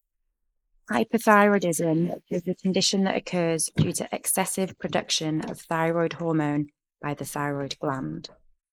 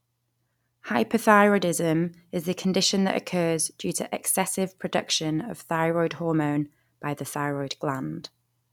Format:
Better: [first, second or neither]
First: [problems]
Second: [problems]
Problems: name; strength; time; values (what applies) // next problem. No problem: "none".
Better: second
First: noise reduction (neural mask model Resemble Enhance denoiser)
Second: none